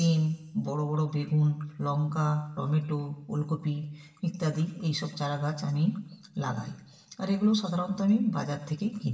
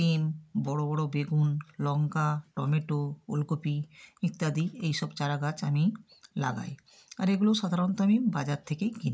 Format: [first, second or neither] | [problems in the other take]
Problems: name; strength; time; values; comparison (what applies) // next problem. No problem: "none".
second | room echo; dies away in 0.8 s